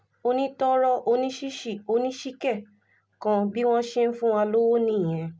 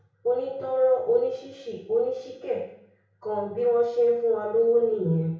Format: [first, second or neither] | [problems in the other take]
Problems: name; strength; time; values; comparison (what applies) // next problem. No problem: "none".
first | room echo; dies away in 0.6 s